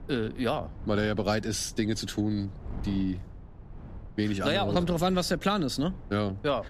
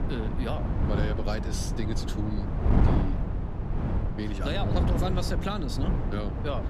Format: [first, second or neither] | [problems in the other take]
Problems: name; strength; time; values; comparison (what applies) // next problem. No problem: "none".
first | wind noise on the microphone; heavy; 2 dB below the speech; occasional gusts in the first